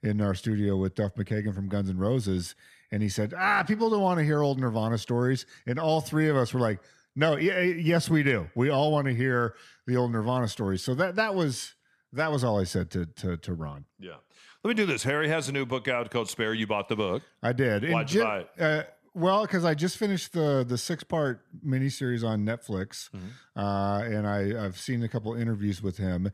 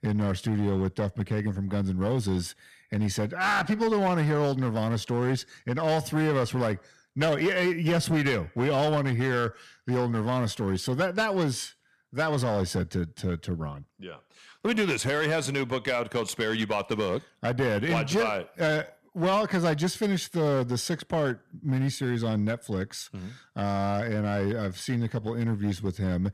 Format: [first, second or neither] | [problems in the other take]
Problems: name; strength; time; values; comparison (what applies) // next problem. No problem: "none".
first | distortion; slight; 8% of the sound clipped